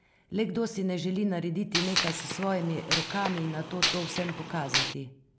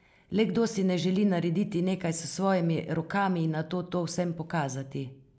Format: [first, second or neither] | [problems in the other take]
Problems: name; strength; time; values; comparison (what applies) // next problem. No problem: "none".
second | background sound (Gunshot, gunfire); as loud as the speech